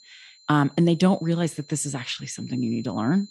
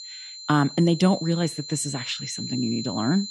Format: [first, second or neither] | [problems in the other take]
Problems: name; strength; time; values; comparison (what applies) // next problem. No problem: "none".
first | high-pitched whine; loud; throughout; 4 kHz, 10 dB below the speech; faint in the first